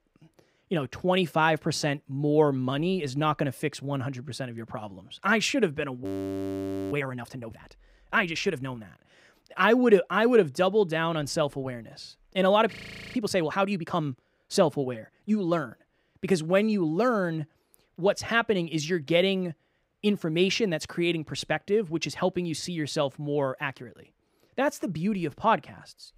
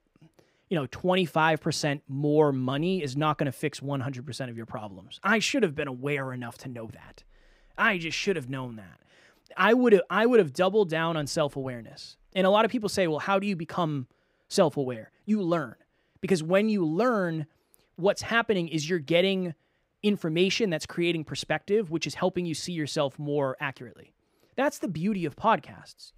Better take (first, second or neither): second